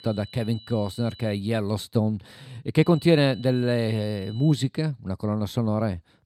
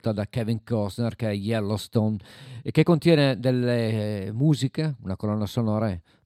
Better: second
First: high-pitched whine; faint; until 1.5 s and from 3 to 4.5 s; 4 kHz, 20 dB below the speech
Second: none

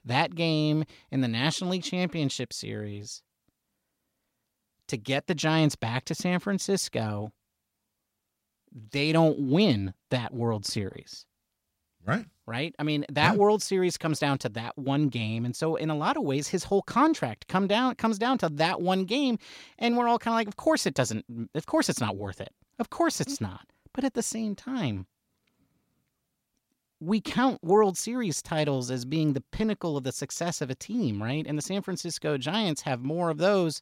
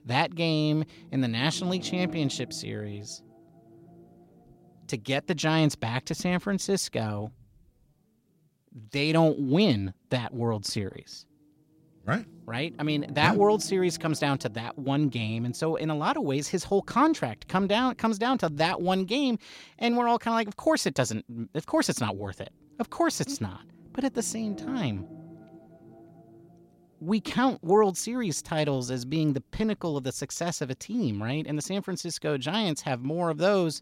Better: first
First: none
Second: low rumble; faint; throughout; 20 dB below the speech

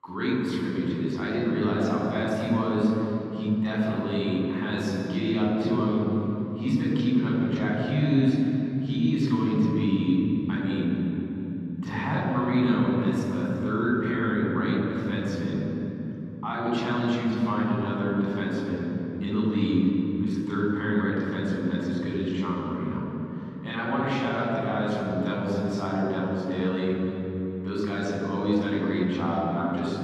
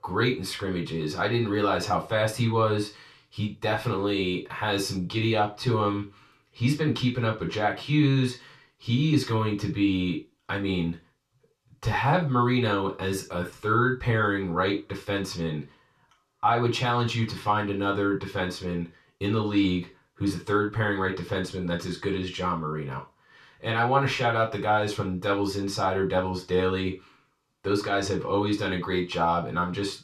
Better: second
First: room echo; strong; dies away in 3 s // off-mic speech; far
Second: room echo; slight; dies away in 0.3 s // off-mic speech; far

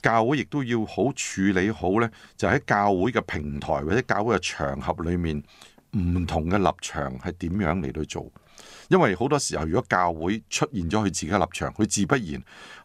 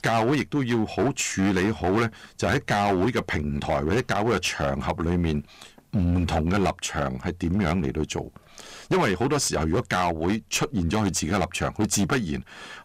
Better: first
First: none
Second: distortion; heavy; 13% of the sound clipped

